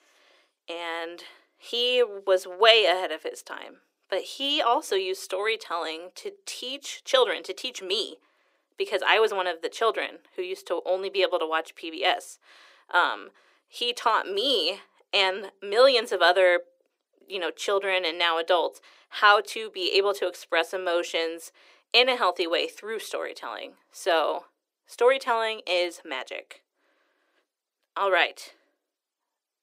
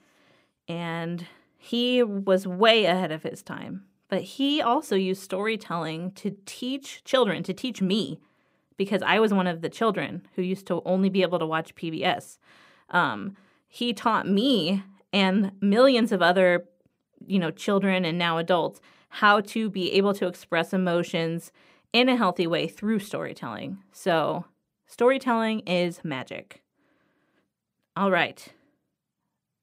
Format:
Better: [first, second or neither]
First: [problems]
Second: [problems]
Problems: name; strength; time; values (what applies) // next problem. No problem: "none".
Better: second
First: thin; very; fading below 350 Hz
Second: none